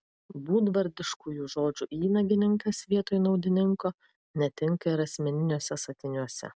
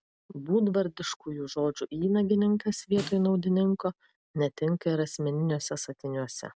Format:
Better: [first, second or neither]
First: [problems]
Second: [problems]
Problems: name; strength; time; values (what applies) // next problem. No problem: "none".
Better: first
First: none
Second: background sound (Snare drum); 16 dB below the speech